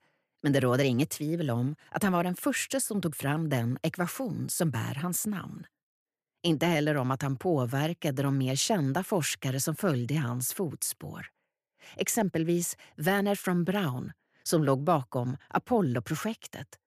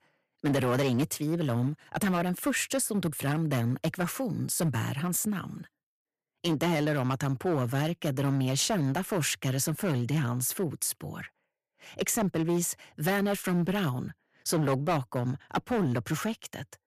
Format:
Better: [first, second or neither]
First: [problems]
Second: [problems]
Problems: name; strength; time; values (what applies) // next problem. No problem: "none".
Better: first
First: none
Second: distortion; slight; 7% of the sound clipped